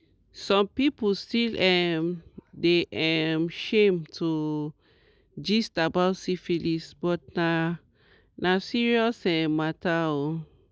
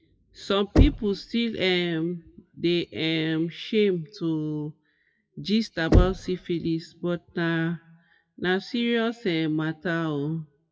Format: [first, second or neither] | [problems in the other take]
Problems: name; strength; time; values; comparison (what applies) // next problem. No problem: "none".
first | noise reduction (classical method WPE with log-MMSE)